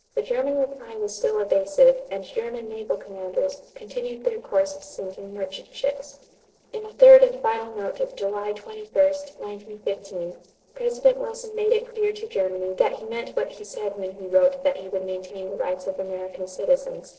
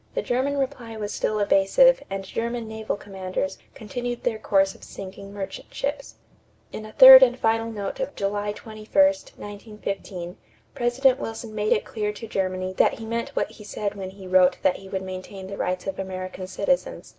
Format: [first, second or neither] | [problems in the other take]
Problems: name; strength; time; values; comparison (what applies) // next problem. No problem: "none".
second | noise reduction (neural separator model SepFormer DNS4)